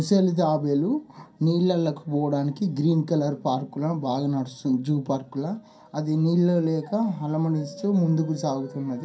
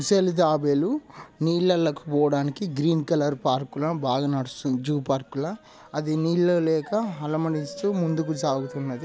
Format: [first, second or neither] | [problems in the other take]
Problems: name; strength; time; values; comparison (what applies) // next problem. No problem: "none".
second | room echo; dies away in 0.3 s